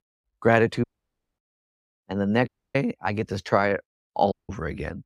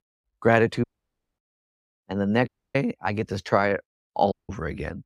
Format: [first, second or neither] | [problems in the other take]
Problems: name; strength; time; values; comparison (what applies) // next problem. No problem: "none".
neither | audio cutting out; at 1 s for 0.5 s, at 2.5 s and at 4.5 s; the same in both